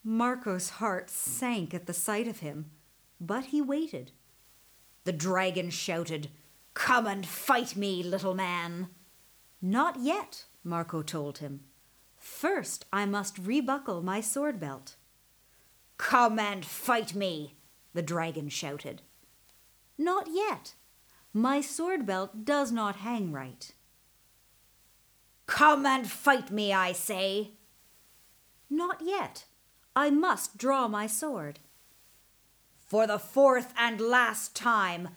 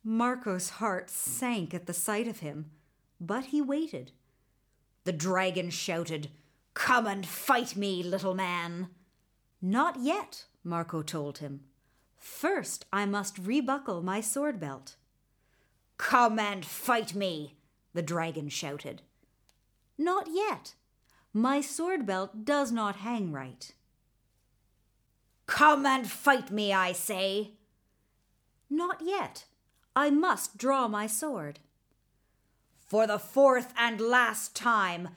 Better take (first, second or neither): second